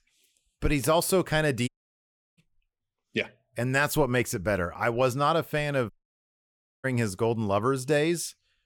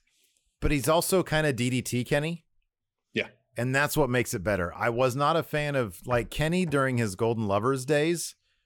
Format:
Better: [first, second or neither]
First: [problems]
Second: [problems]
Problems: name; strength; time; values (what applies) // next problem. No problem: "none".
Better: second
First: audio cutting out; at 1.5 s for 0.5 s and at 6 s for 1 s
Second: none